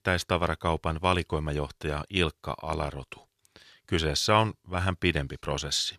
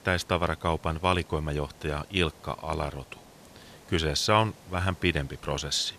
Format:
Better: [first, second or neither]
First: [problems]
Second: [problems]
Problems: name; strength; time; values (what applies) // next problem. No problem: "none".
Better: first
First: none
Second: hiss; faint; throughout; 25 dB below the speech